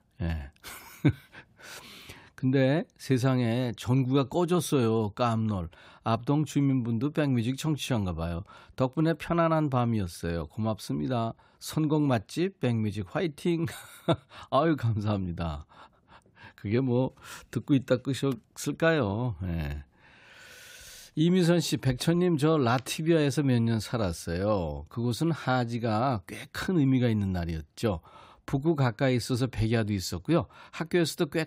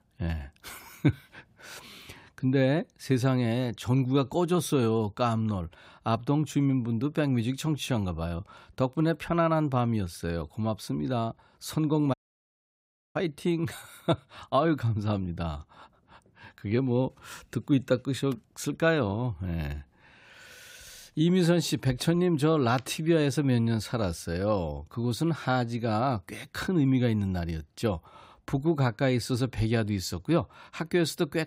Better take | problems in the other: first | audio cutting out; at 12 s for 1 s

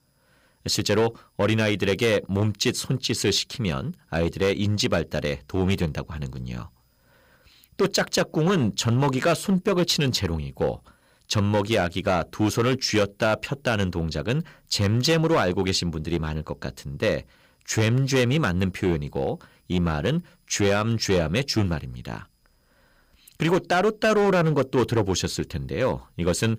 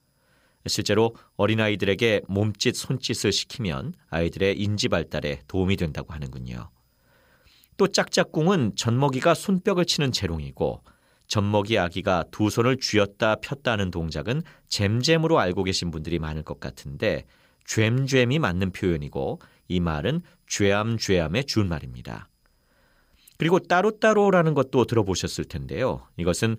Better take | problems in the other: second | distortion; slight; 6% of the sound clipped

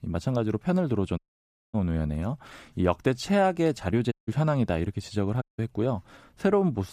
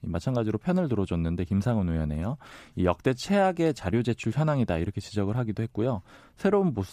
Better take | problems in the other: second | audio cutting out; at 1 s for 0.5 s, at 4 s and at 5.5 s

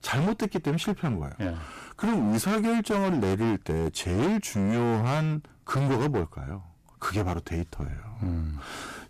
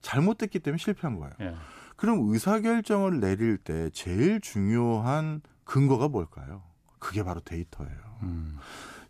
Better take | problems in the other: second | distortion; heavy; 19% of the sound clipped

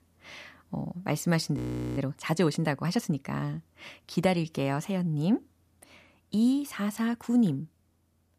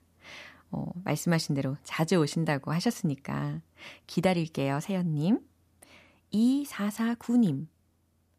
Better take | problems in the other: second | audio freezing; at 1.5 s

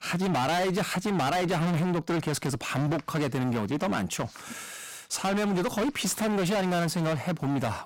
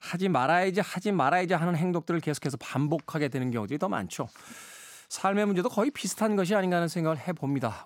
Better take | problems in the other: second | distortion; heavy; 33% of the sound clipped

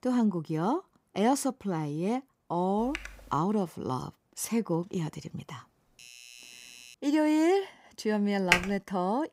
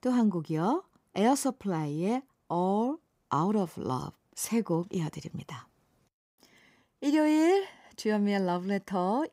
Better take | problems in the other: second | keyboard typing; faint; at 3 s; peak 10 dB below the speech // doorbell; faint; from 6 to 7 s; peak 15 dB below the speech // keyboard typing; loud; at 8.5 s; peak 4 dB above the speech

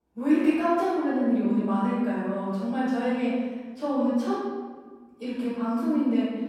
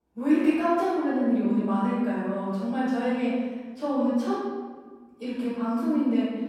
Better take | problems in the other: neither | room echo; strong; dies away in 1.3 s; the same in both // off-mic speech; far; the same in both

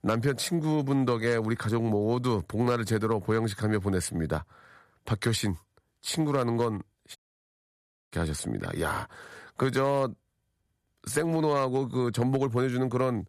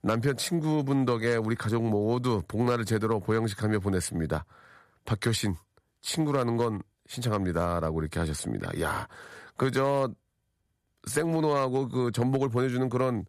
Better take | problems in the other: second | audio cutting out; at 7 s for 1 s

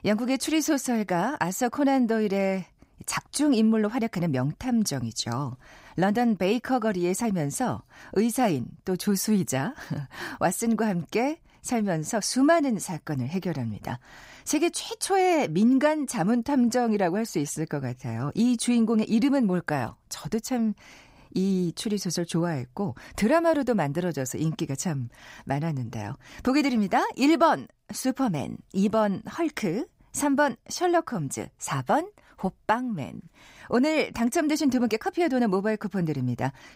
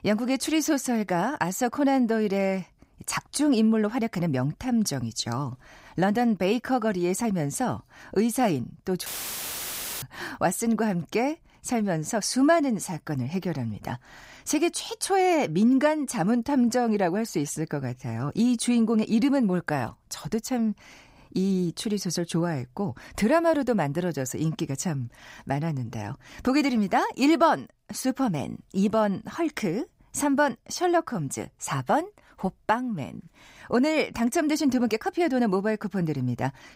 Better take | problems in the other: first | audio cutting out; filled with static; at 9 s for 1 s

